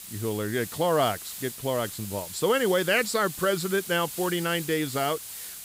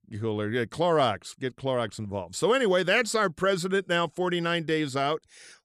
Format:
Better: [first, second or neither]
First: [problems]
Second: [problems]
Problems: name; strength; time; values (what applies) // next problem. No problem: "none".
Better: second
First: hiss; loud; throughout; 9 dB below the speech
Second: none